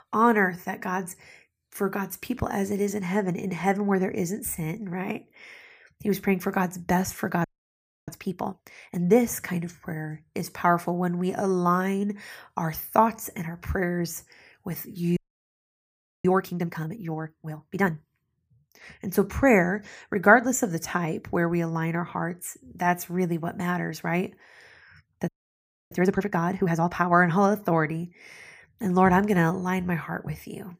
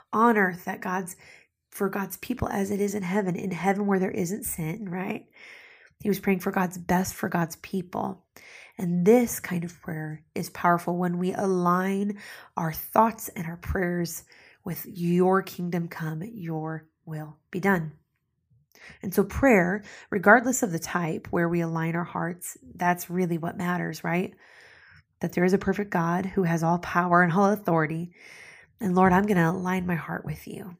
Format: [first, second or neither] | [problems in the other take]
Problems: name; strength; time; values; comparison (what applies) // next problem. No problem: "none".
second | audio freezing; at 7.5 s for 0.5 s, at 15 s for 1 s and at 25 s for 0.5 s